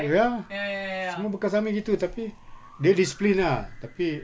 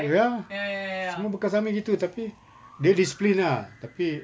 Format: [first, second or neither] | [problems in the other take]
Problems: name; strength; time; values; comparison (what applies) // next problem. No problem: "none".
second | background sound (Meow / Purr); 18 dB below the speech